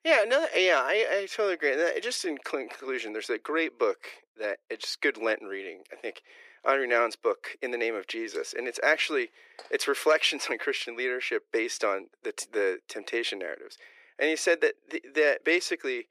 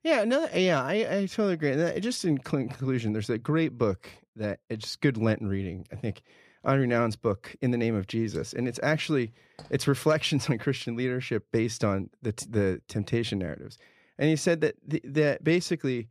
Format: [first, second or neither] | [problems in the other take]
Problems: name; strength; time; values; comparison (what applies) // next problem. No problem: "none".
second | thin; very; fading below 350 Hz